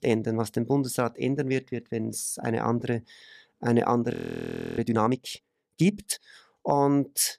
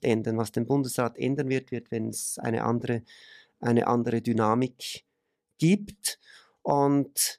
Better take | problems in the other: second | audio freezing; at 4 s for 0.5 s

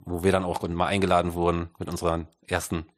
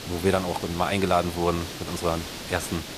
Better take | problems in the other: first | hiss; loud; throughout; 8 dB below the speech

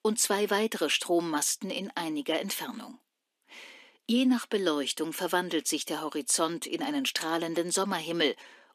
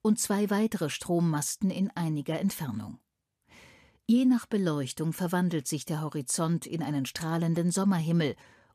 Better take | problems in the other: second | thin; somewhat; fading below 250 Hz

